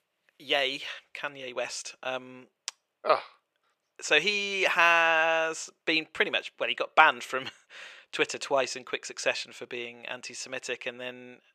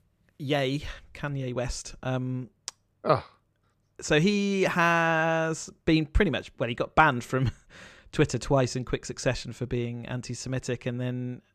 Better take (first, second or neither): second